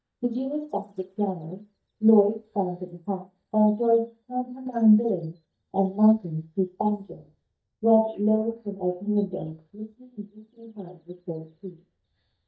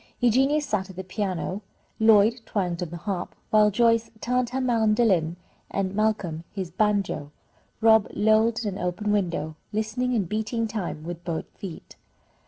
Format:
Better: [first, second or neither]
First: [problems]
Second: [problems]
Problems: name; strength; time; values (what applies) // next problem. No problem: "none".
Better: second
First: noise reduction (neural mask model DeepFilterNet 3)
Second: none